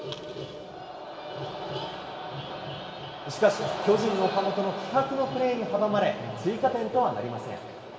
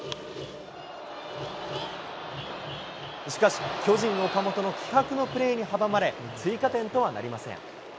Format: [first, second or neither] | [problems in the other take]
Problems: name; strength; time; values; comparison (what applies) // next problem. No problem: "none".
second | room echo; dies away in 1.7 s